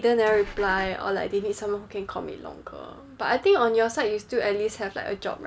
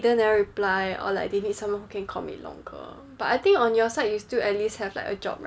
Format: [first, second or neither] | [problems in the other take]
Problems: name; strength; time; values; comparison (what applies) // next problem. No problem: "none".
second | background sound (Engine / Car); 12 dB below the speech